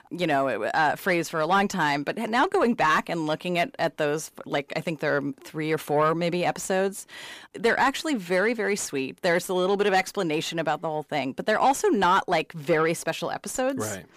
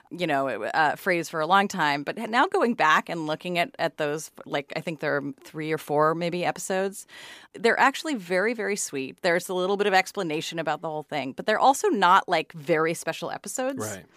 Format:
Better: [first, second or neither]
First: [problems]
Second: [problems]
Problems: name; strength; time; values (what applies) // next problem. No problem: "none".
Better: second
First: distortion; slight; 10 dB below the speech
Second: none